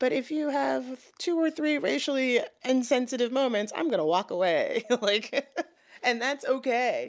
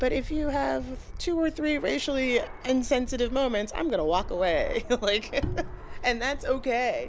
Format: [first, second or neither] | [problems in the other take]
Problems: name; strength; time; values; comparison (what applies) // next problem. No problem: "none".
first | background sound (Fixed-wing aircraft, airplane + Bowed string instrument); 9 dB below the speech